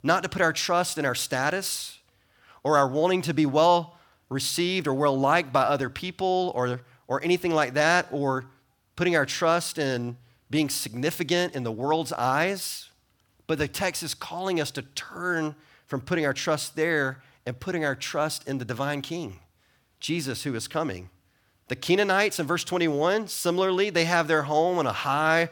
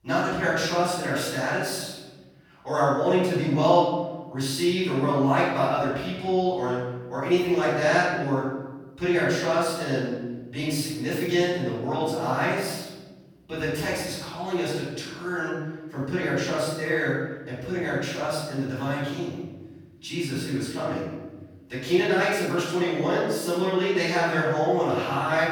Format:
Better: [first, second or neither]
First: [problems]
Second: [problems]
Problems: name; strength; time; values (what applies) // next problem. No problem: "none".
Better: first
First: none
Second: off-mic speech; far // room echo; strong; dies away in 1.2 s